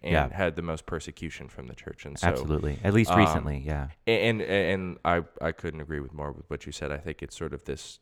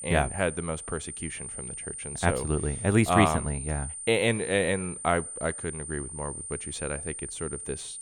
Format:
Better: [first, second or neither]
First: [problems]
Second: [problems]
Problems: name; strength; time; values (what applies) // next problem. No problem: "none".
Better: first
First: none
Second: high-pitched whine; loud; throughout; 9 kHz, 7 dB below the speech